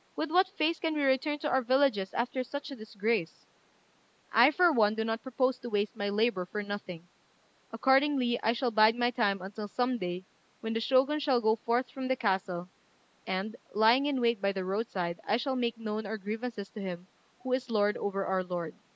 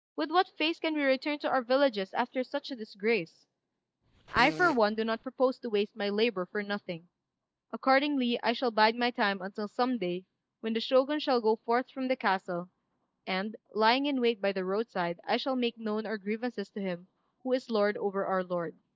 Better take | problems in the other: first | noise reduction (neural mask model DeepFilterNet 3)

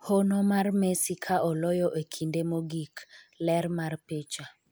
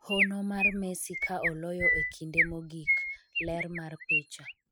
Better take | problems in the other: first | noise reduction (neural mask model RNNoise)

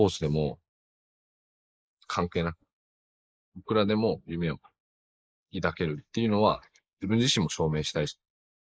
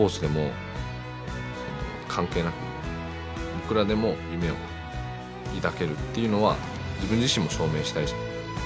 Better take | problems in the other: second | noise reduction (neural mask model Resemble Enhance denoiser)

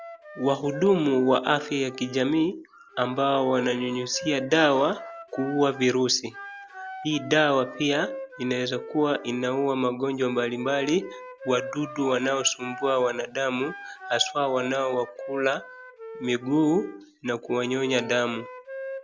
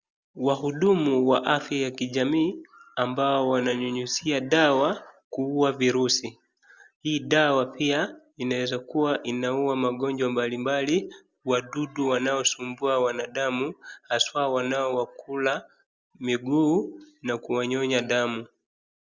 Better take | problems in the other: second | background sound (Wind instrument, woodwind instrument); 14 dB below the speech

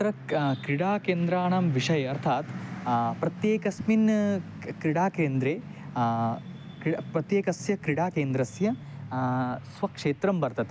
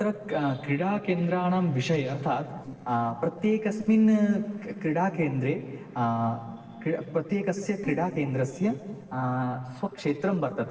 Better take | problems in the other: first | noise reduction (neural separator model SepFormer DNS4)

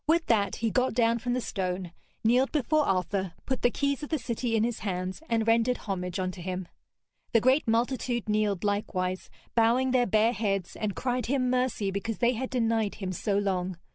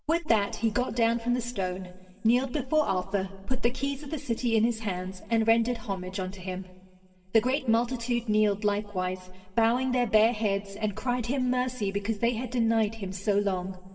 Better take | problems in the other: first | room echo; dies away in 2.1 s

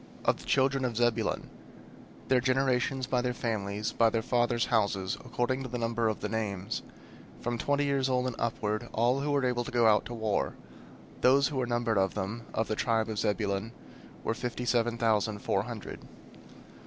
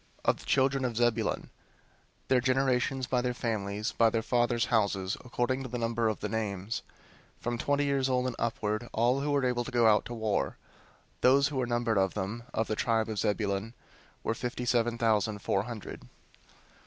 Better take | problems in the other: second | background sound (Fixed-wing aircraft, airplane); 19 dB below the speech

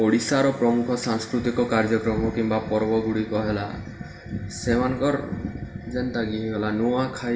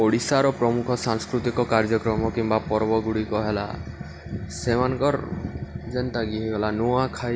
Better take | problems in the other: second | room echo; dies away in 0.6 s

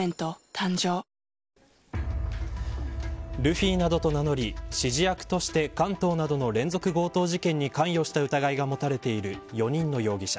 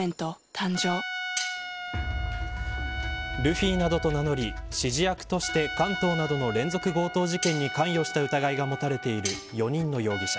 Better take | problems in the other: first | background sound (Trumpet + Cutlery, silverware); 8 dB below the speech

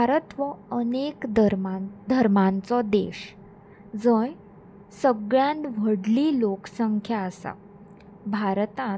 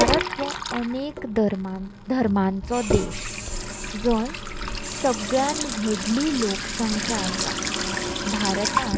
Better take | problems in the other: first | background sound (Sink (filling or washing) / Water tap, faucet); 2 dB below the speech

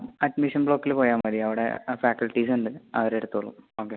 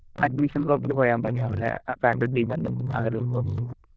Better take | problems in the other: first | noise reduction (neural diffusion model UNIVERSE++)

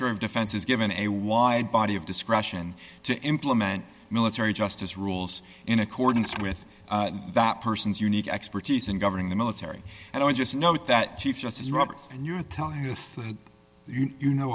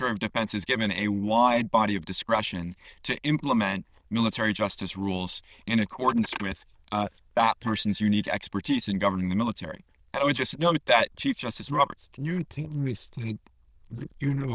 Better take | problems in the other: first | noise reduction (neural diffusion model UNIVERSE++)

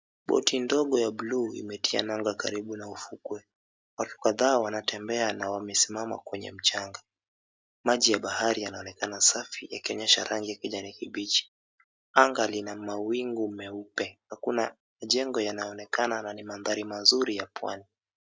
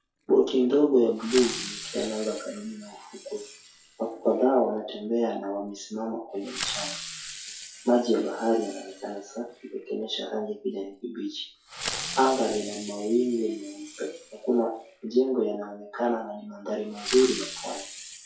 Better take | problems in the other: first | noise reduction (classical method WPE with log-MMSE)

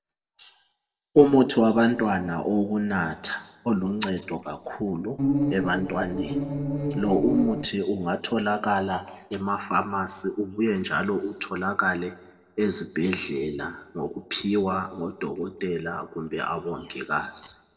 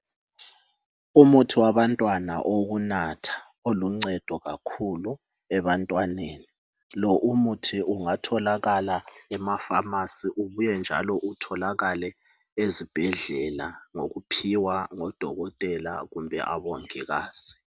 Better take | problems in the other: second | noise reduction (neural separator model SepFormer DNS4)

